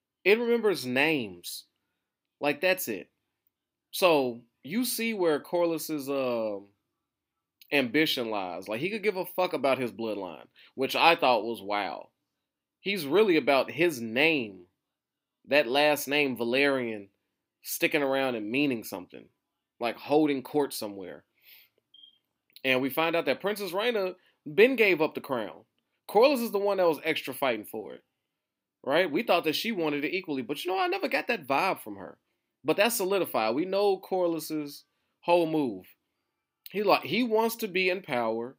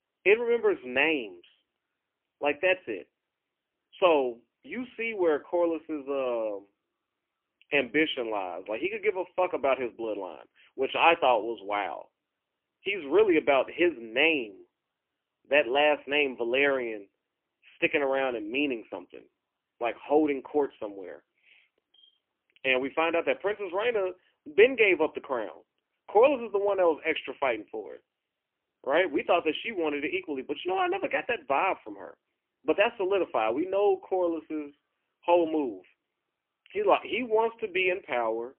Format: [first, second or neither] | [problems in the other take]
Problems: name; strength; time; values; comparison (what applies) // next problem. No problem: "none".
first | phone-call audio; poor line; nothing above 3 kHz